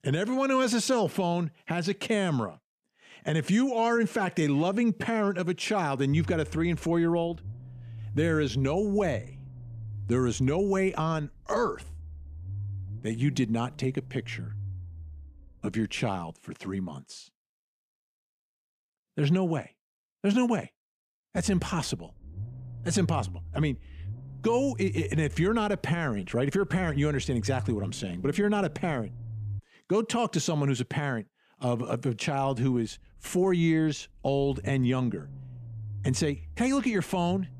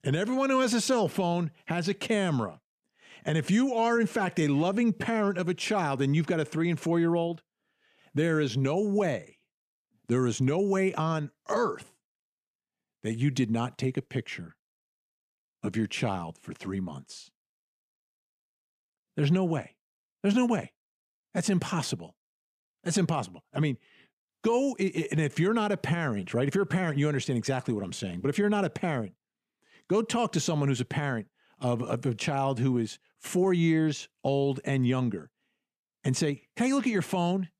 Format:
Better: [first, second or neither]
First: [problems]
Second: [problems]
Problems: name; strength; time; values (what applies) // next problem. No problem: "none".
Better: second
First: low rumble; faint; from 6 to 16 s, from 21 to 30 s and from 32 s on; 25 dB below the speech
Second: none